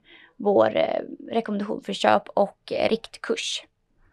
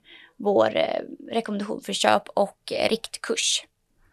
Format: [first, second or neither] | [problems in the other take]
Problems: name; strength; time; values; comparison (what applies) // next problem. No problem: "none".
second | muffled; slightly; fading above 2 kHz